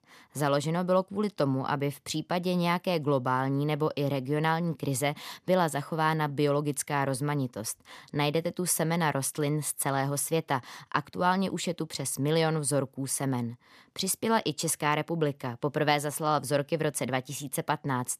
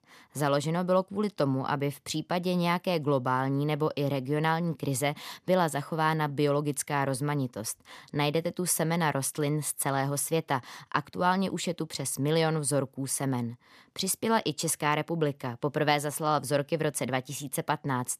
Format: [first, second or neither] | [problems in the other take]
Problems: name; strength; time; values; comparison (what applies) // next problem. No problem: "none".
neither | none